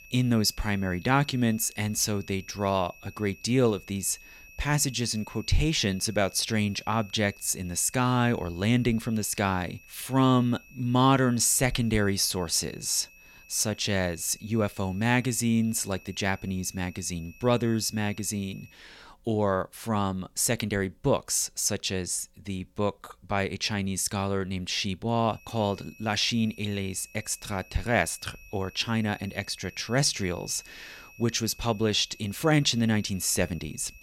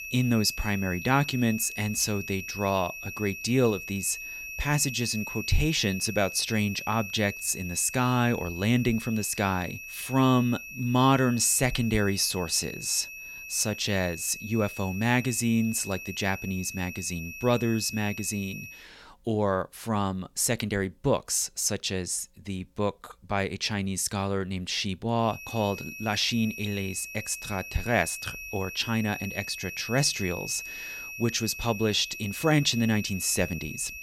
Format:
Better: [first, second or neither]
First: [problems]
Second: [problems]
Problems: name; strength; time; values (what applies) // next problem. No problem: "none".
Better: first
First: high-pitched whine; faint; until 19 s and from 25 s on; 2.5 kHz, 25 dB below the speech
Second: high-pitched whine; loud; until 19 s and from 25 s on; 2.5 kHz, 10 dB below the speech